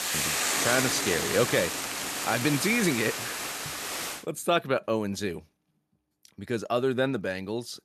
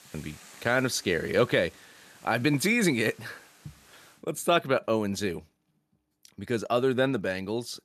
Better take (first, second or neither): second